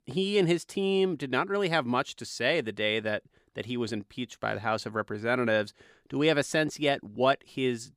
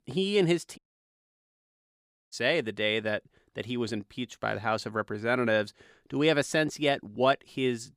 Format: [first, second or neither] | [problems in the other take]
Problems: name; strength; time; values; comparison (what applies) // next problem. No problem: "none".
first | audio cutting out; at 1 s for 1.5 s